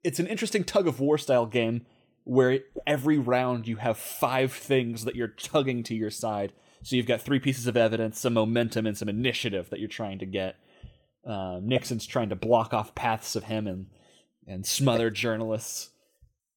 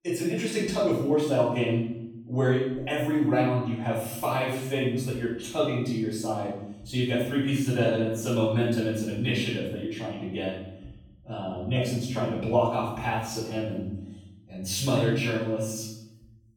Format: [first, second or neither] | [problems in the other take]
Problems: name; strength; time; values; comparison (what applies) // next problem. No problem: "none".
first | off-mic speech; far // room echo; noticeable; dies away in 0.8 s